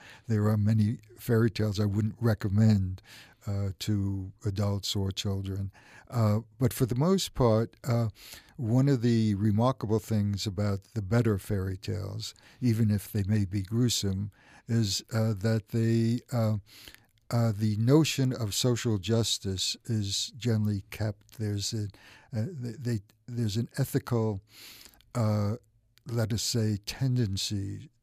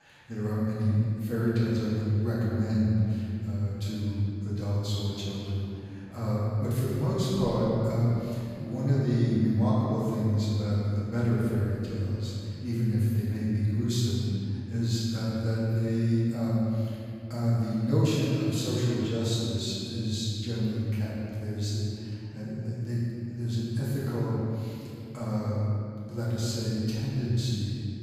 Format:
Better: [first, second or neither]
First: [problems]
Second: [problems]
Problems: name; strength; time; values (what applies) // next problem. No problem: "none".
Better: first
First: none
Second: room echo; strong; dies away in 2.7 s // off-mic speech; far